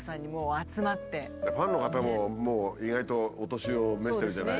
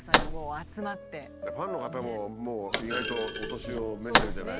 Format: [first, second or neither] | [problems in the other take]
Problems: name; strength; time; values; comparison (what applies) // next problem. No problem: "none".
first | background sound (Thump, thud); 3 dB above the speech